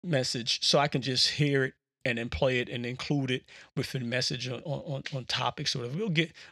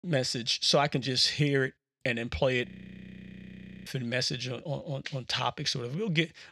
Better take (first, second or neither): first